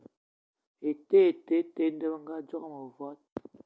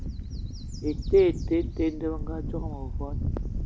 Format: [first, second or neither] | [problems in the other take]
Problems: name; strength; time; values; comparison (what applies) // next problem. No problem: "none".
first | background sound (Wind / Bird); 3 dB below the speech